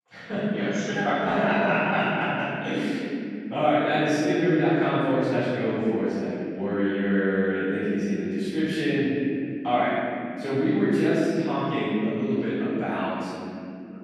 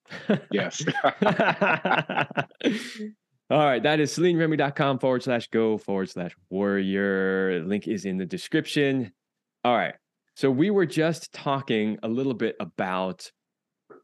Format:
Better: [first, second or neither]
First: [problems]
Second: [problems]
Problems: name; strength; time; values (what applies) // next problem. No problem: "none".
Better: second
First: off-mic speech; far // room echo; strong; dies away in 2.7 s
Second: none